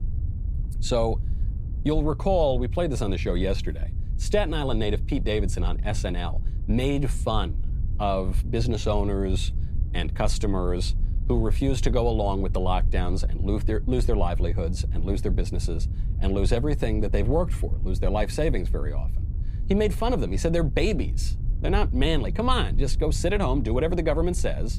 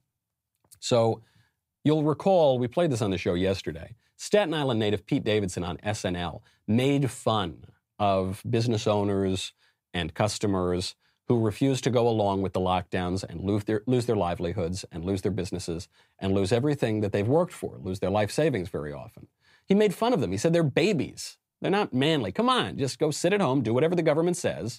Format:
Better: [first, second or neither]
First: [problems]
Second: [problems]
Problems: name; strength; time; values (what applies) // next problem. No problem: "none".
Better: second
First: low rumble; noticeable; throughout; 20 dB below the speech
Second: none